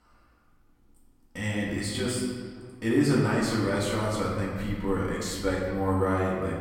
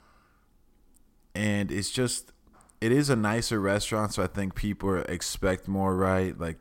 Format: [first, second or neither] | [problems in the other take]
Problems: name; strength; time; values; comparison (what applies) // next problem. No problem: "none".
second | off-mic speech; far // room echo; noticeable; dies away in 1.5 s